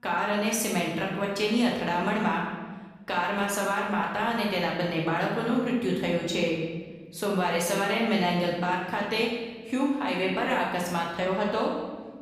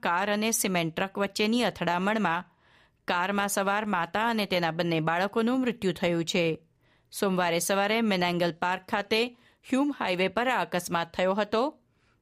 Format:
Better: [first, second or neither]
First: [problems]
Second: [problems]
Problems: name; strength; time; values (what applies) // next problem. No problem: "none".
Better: second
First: room echo; noticeable; dies away in 1.2 s // off-mic speech; far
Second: none